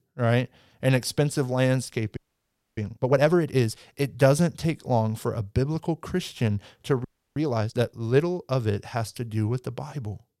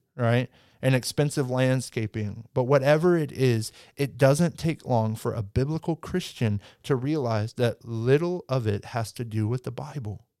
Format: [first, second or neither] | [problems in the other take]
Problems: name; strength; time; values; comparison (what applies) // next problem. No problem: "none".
second | audio freezing; at 2 s for 0.5 s and at 7 s